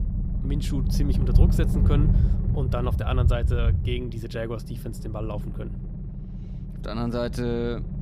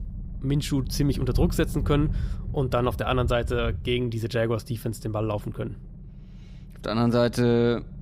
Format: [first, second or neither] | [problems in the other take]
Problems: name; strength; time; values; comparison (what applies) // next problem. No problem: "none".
second | low rumble; loud; throughout; 7 dB below the speech; faint in the second